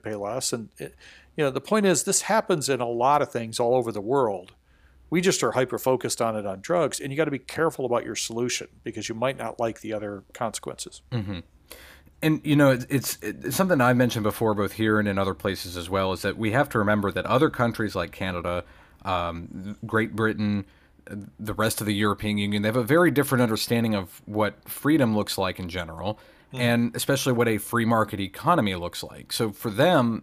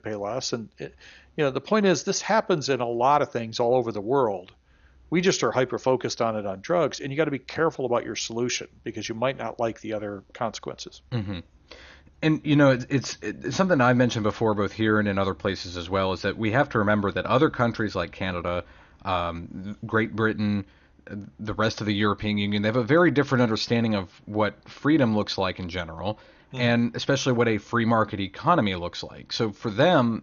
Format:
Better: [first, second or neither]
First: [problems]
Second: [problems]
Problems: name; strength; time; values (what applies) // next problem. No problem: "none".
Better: first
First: none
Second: garbled, watery; slightly; nothing above 6.5 kHz